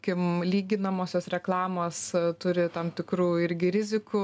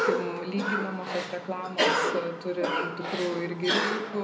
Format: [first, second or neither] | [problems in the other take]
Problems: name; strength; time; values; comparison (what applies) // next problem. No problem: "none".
first | background sound (Cough); 2 dB above the speech // room echo; dies away in 0.5 s